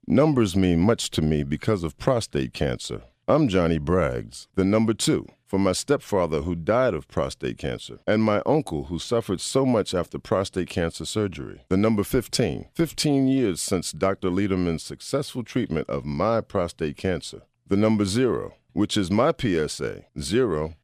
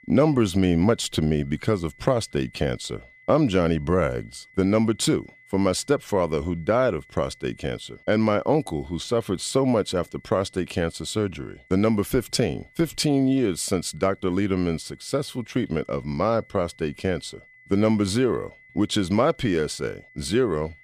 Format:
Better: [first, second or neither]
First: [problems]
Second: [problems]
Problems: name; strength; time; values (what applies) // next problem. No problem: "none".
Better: first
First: none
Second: high-pitched whine; faint; throughout; 2 kHz, 25 dB below the speech